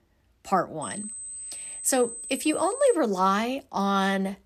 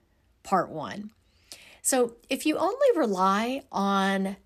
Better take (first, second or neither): second